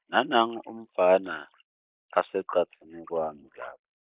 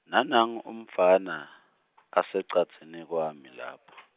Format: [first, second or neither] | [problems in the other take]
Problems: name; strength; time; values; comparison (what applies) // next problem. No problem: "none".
second | noise reduction (neural mask model Resemble Enhance denoiser)